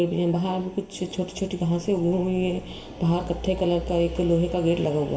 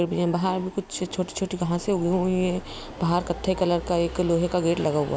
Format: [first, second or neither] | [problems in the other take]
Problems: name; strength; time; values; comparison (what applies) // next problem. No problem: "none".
second | room echo; dies away in 0.7 s